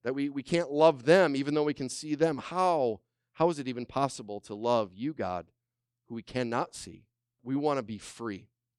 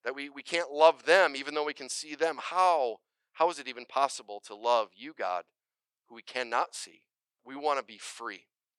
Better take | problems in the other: first | thin; very; fading below 750 Hz

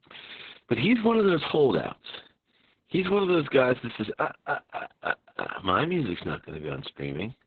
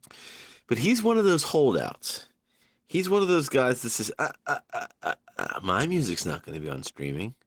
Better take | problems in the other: second | garbled, watery; badly; nothing above 4 kHz; slightly in the second

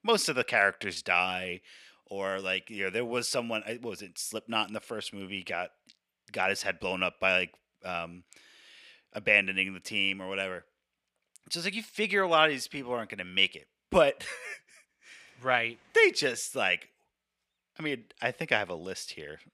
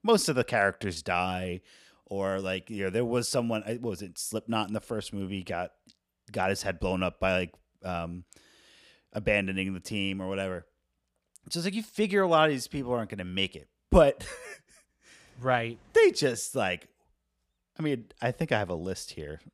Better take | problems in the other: second | thin; very slightly; fading below 300 Hz

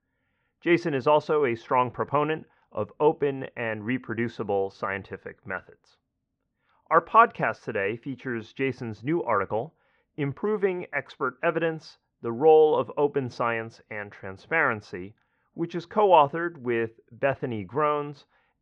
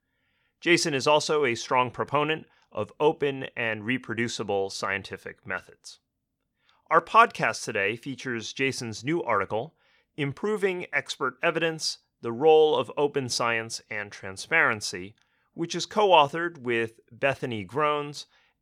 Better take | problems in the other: second | muffled; very; fading above 1.5 kHz

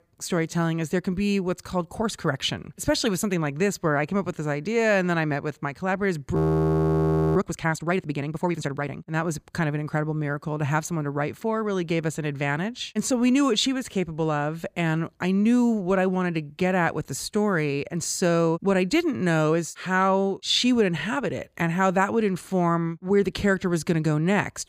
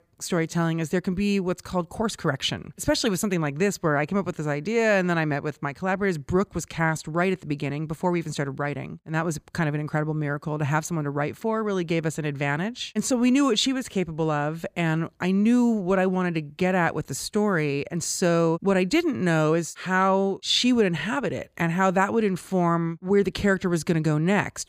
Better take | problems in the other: second | audio freezing; at 6.5 s for 1 s

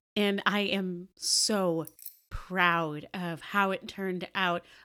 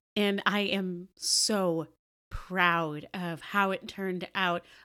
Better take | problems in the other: second | jangling keys; faint; at 2 s; peak 15 dB below the speech

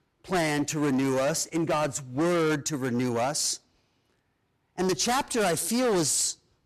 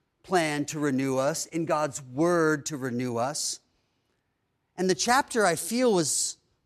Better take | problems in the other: second | distortion; heavy; 17% of the sound clipped

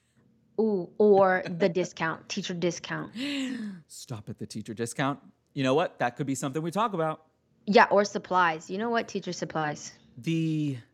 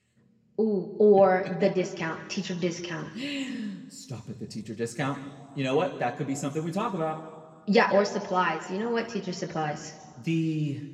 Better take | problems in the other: first | room echo; slight; dies away in 1.6 s

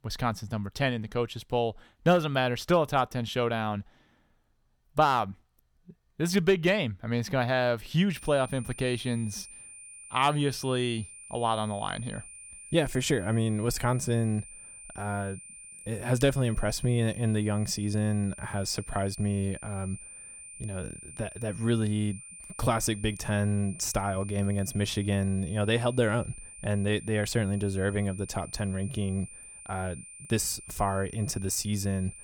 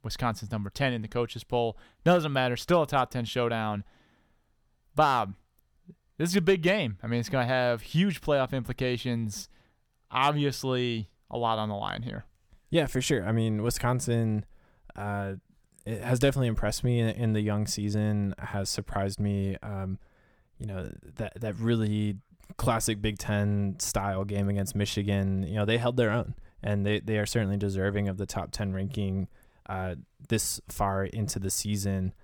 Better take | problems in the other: second | high-pitched whine; noticeable; from 8 s on; 9 kHz, 15 dB below the speech

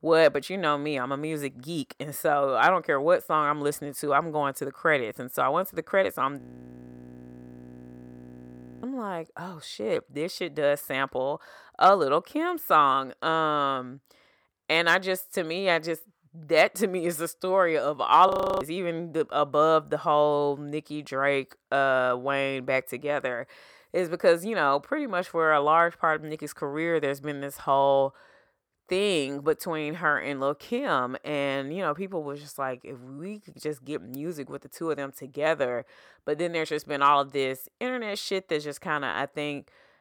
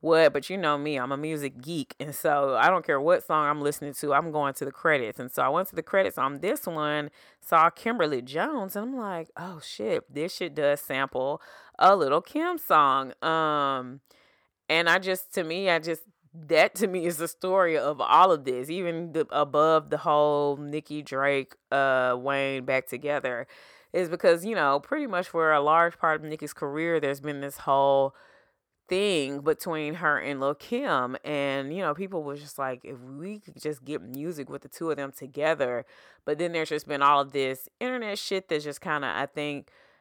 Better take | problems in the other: second | audio freezing; at 6.5 s for 2.5 s and at 18 s

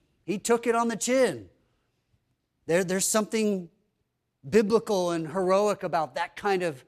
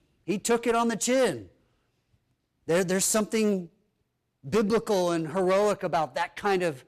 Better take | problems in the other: first | distortion; slight; 6% of the sound clipped

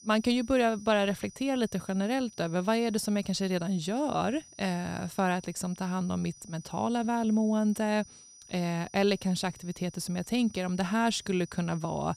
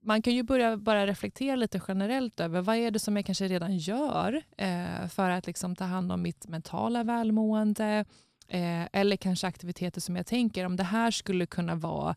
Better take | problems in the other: second | high-pitched whine; faint; throughout; 6 kHz, 20 dB below the speech

